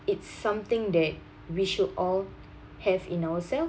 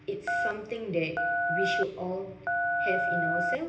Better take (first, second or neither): first